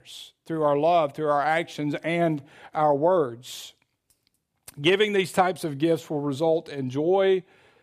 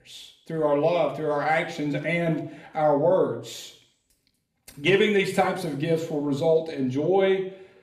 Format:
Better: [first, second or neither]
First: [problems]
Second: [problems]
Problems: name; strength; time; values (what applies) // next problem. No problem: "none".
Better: first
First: none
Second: room echo; slight; dies away in 0.5 s // off-mic speech; somewhat distant